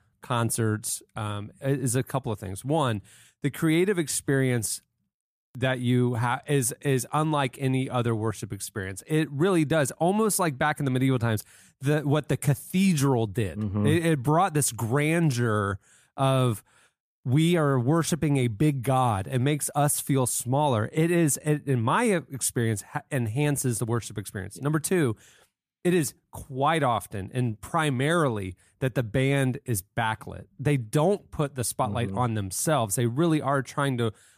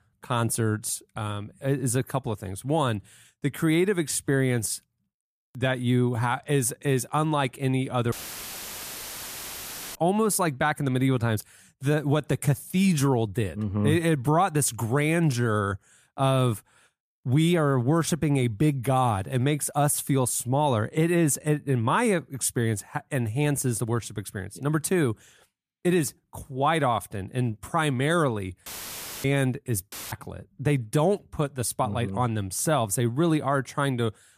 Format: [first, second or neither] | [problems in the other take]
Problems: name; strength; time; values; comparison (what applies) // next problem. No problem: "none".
first | audio cutting out; filled with static; at 8 s for 2 s, at 29 s for 0.5 s and at 30 s